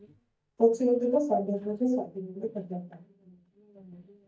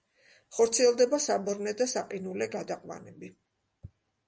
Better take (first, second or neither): second